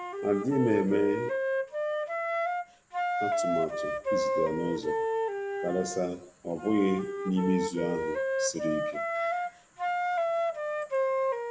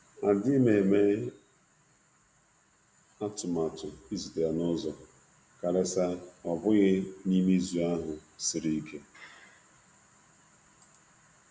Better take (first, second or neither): second